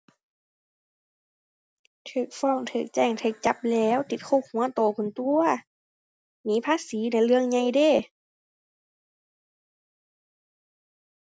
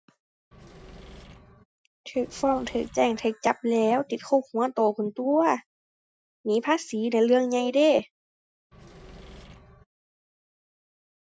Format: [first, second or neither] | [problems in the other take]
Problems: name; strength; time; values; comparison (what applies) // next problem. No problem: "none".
first | noise reduction (classical method Wiener filter)